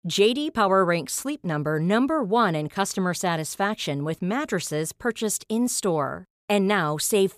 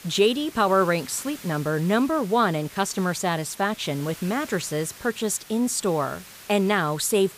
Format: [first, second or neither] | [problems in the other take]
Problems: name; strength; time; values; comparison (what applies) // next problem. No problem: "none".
first | hiss; noticeable; throughout; 20 dB below the speech